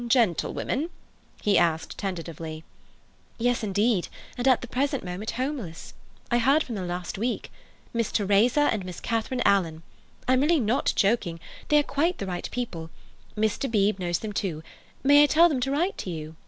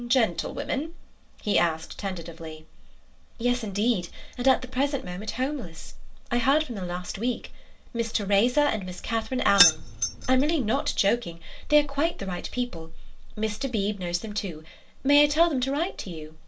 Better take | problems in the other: first | background sound (Keys jangling); 1 dB below the speech // room echo; dies away in 0.2 s

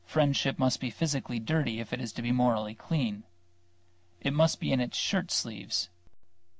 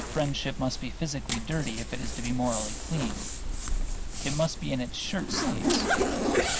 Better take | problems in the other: first | background sound (Zipper (clothing)); 2 dB above the speech

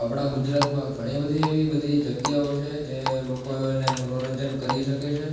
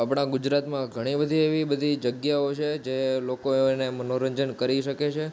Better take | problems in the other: second | background sound (Water tap, faucet); 9 dB below the speech // room echo; dies away in 1.2 s

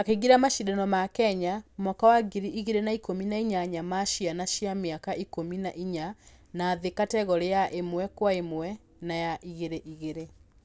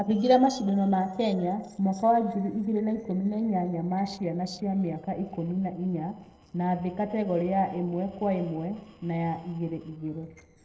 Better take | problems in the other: first | noise reduction (neural separator model SepFormer DNS4)

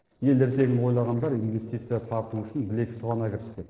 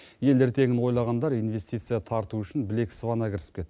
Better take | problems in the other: second | noise reduction (neural separator model SepFormer DNS4)

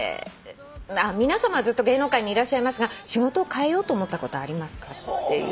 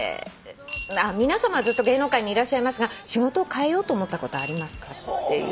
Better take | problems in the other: first | background sound (Coin (dropping) / Glass); 15 dB below the speech

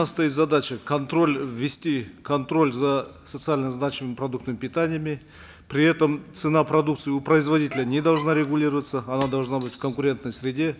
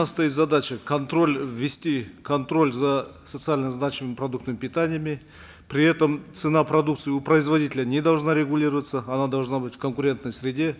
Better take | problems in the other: second | background sound (Squeak + Shatter); 18 dB below the speech

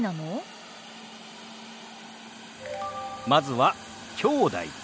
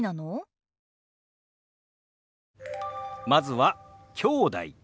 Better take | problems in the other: second | background sound (Hiss); 14 dB below the speech

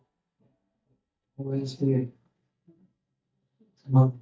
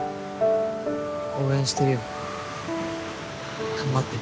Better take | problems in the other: second | noise reduction (neural mask model DeepFilterNet 3)

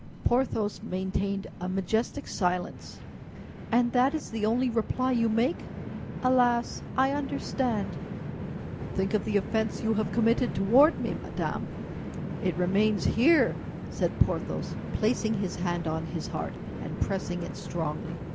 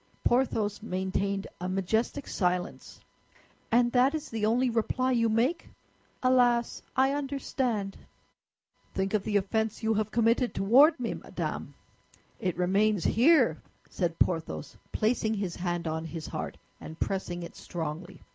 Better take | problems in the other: second | background sound (Train); 8 dB below the speech

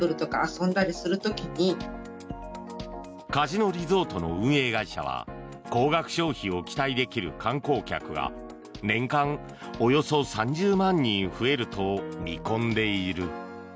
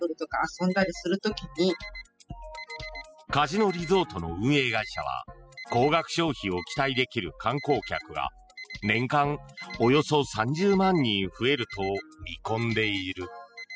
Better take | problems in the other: first | noise reduction (classical method spectral subtraction)

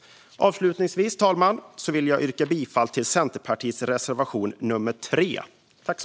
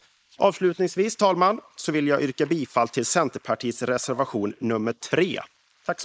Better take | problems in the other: first | noise reduction (neural mask model Resemble Enhance denoiser)

